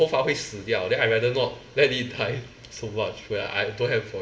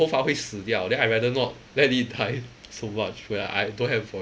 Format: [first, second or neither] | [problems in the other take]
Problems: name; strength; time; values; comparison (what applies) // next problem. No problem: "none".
second | room echo; dies away in 0.9 s